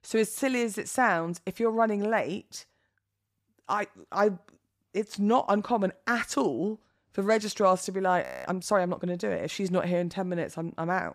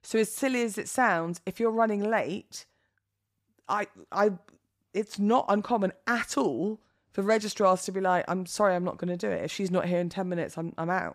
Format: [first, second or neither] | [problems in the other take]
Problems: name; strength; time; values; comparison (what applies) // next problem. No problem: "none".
second | audio freezing; at 8 s